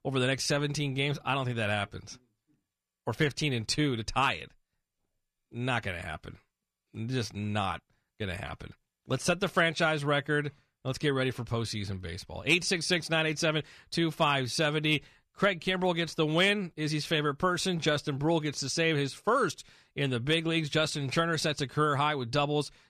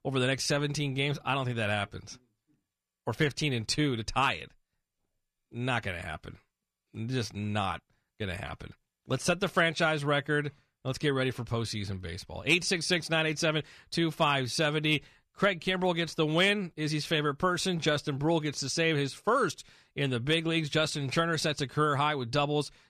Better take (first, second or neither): neither